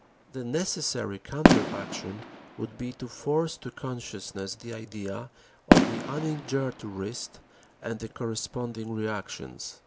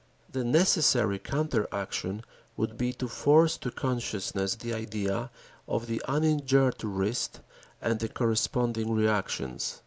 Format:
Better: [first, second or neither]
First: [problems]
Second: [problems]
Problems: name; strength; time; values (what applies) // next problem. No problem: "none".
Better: second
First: background sound (Fireworks); 3 dB above the speech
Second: none